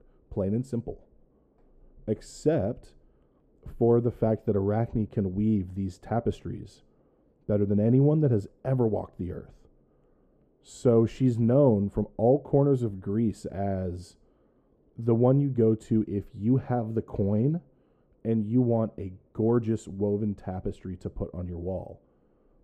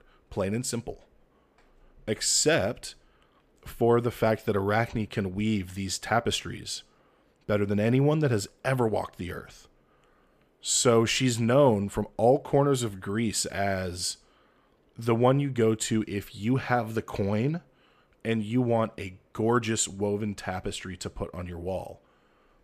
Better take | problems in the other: second | muffled; very; fading above 1 kHz

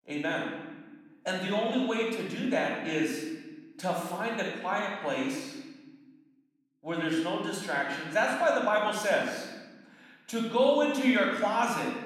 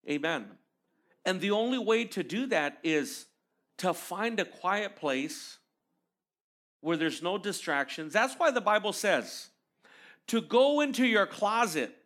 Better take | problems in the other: second | off-mic speech; far // room echo; noticeable; dies away in 1.2 s

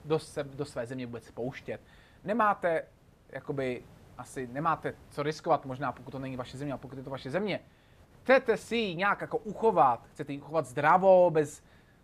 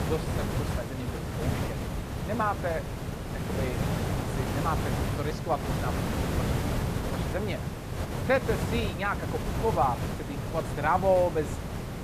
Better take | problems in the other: first | hiss; loud; throughout; as loud as the speech; faint in the first

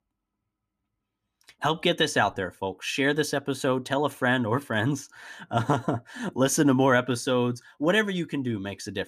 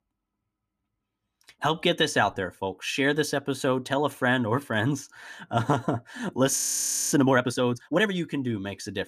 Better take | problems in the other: first | audio freezing; at 6.5 s for 0.5 s

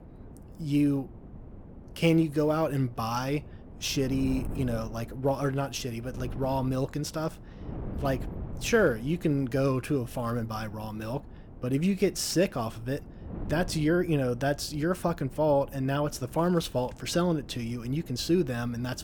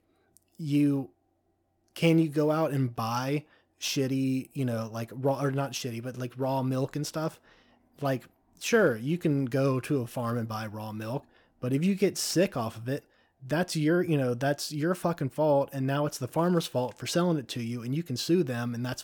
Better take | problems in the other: second | wind noise on the microphone; occasional gusts; 20 dB below the speech

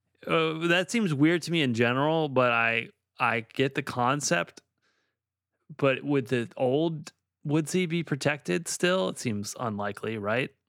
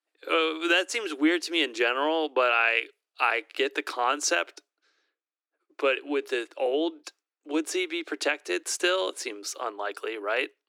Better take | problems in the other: first | thin; somewhat; fading below 300 Hz

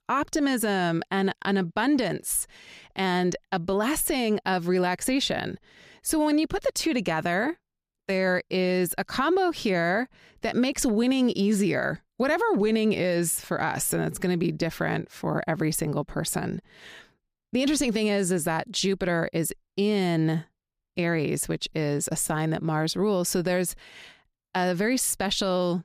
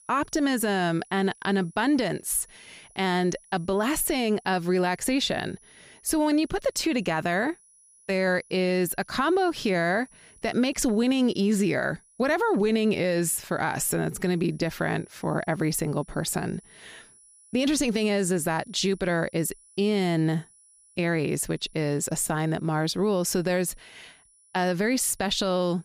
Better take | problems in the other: first | high-pitched whine; faint; throughout; 10 kHz, 30 dB below the speech

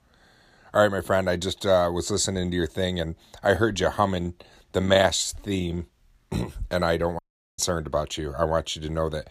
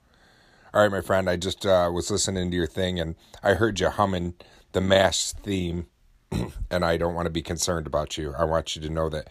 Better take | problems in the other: second | audio cutting out; at 7 s

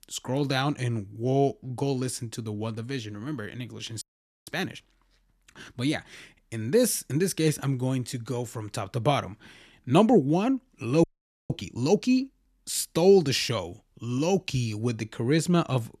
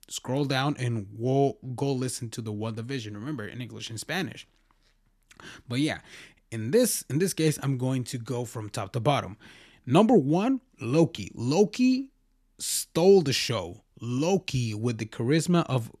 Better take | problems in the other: second | audio freezing; at 4 s and at 11 s

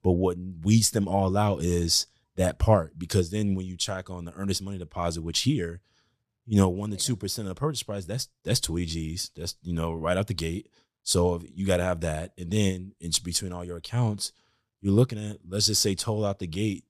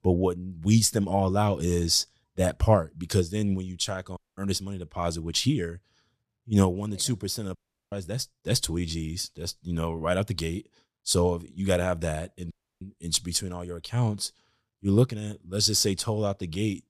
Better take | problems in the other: first | audio cutting out; at 4 s, at 7.5 s and at 13 s

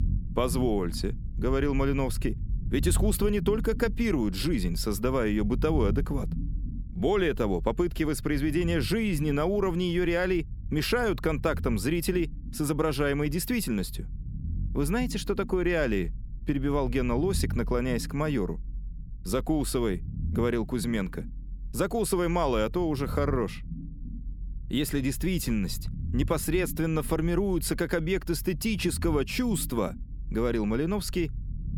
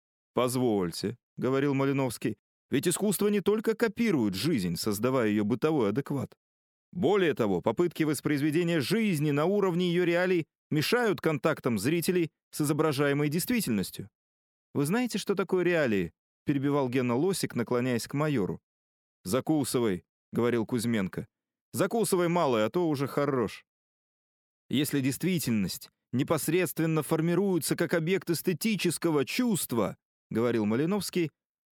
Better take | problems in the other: second | low rumble; faint; throughout; 20 dB below the speech

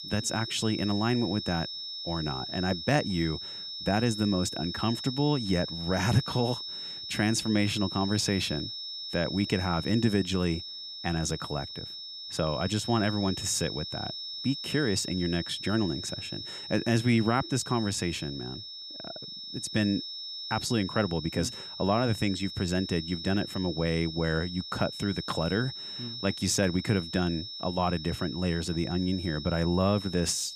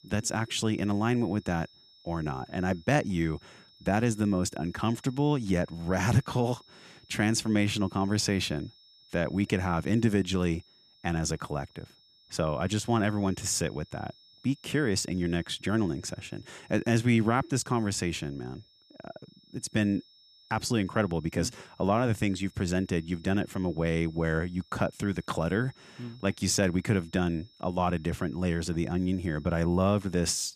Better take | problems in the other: second | high-pitched whine; loud; throughout; 5.5 kHz, 7 dB below the speech; faint in the second

